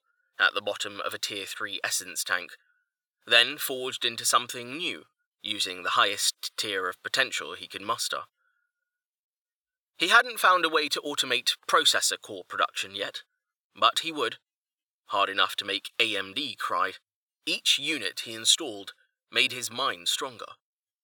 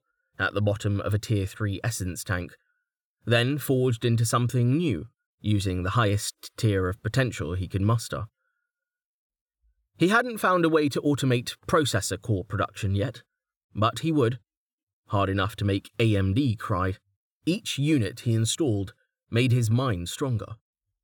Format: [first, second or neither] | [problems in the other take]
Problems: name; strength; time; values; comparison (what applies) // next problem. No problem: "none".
second | thin; very; fading below 800 Hz